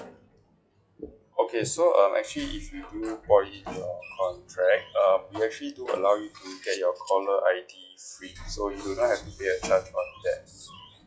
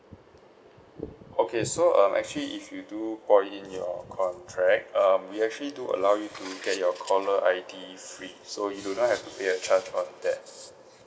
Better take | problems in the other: second | noise reduction (classical method log-MMSE)

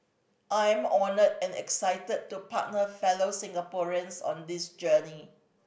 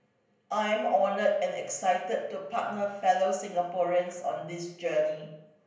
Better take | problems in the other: first | room echo; dies away in 0.8 s

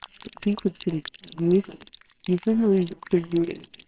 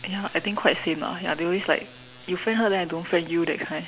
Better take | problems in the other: second | noise reduction (neural separator model SepFormer WHAMR!)

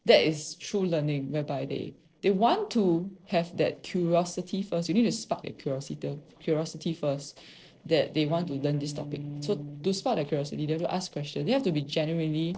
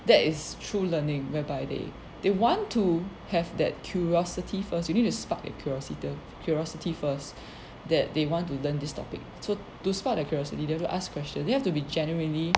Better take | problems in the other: second | noise reduction (neural separator model SepFormer DNS4)

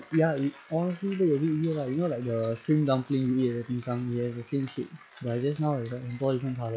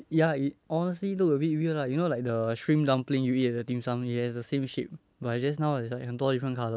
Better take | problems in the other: second | noise reduction (classical method log-MMSE)

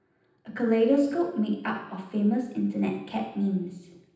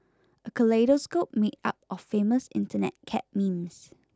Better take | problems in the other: second | room echo; dies away in 0.9 s

